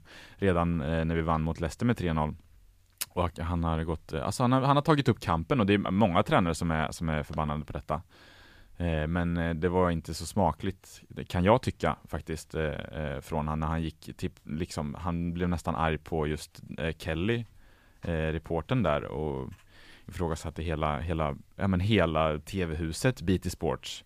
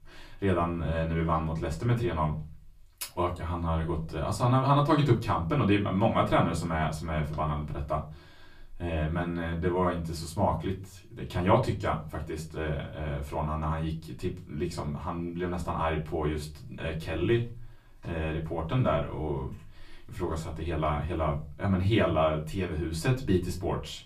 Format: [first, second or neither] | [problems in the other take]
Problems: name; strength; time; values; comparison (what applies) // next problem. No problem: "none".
first | off-mic speech; far // room echo; very slight; dies away in 0.3 s